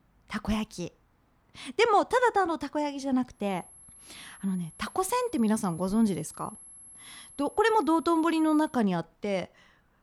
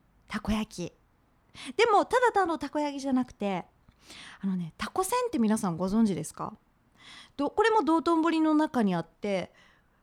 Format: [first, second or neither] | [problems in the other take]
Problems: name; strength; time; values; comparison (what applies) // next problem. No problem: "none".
second | high-pitched whine; faint; from 3.5 to 8.5 s; 11 kHz, 20 dB below the speech